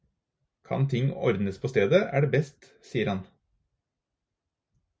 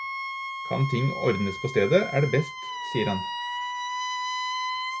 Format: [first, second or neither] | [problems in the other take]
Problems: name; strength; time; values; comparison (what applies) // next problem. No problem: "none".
first | background sound (Wind instrument, woodwind instrument); 5 dB below the speech